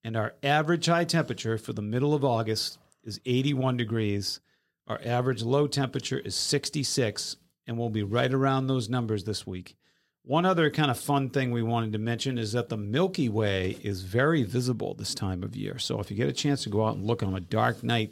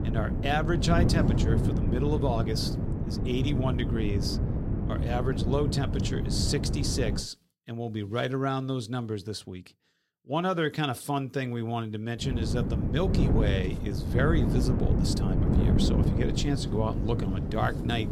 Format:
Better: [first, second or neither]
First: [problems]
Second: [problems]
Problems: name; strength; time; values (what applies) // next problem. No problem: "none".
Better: first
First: none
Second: wind noise on the microphone; heavy; until 7 s and from 12 s on; 4 dB below the speech